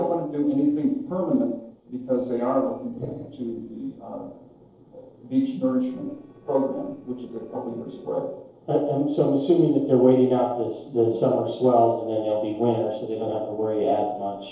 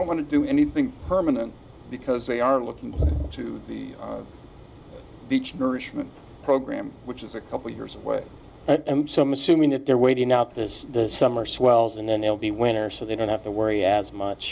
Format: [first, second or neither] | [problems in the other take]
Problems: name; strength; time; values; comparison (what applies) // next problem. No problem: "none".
second | noise reduction (neural separator model SepFormer DNS4)